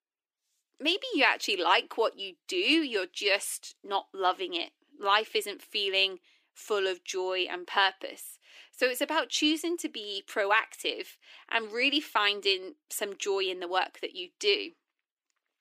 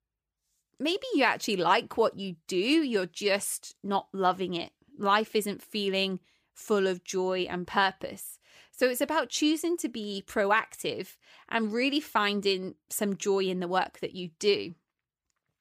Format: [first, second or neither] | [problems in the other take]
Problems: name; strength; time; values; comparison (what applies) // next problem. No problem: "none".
second | thin; very slightly; fading below 300 Hz